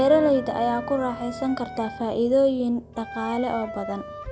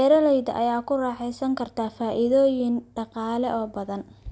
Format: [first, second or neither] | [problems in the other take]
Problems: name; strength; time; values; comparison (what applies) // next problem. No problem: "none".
second | background sound (Piano + Wind instrument, woodwind instrument); 12 dB below the speech